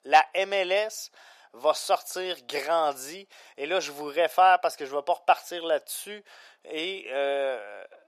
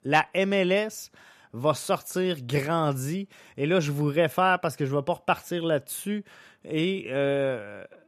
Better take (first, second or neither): second